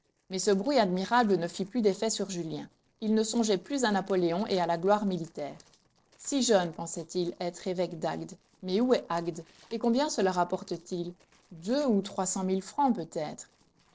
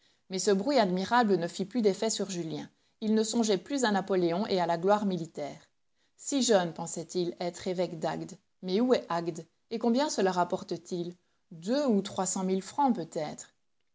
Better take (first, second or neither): second